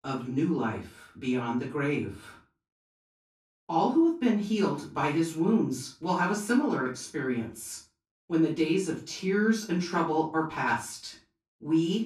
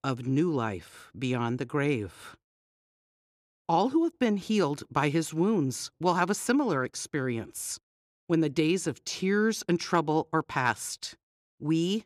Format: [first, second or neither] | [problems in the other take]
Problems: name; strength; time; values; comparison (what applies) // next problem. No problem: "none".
second | off-mic speech; far // room echo; slight; dies away in 0.3 s